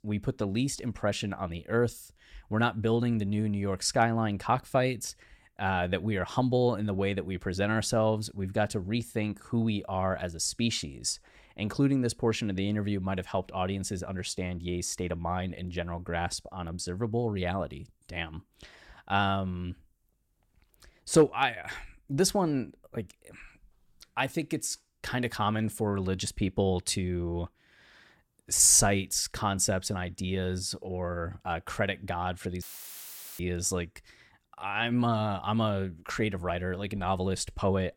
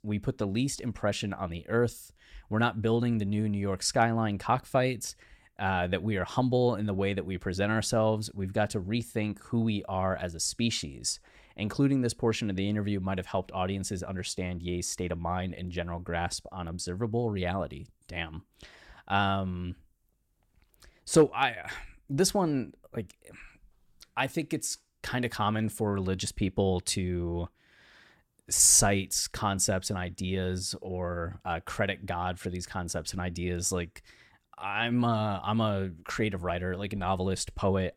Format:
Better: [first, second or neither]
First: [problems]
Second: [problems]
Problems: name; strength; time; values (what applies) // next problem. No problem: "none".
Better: second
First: audio cutting out; filled with static; at 33 s for 1 s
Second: none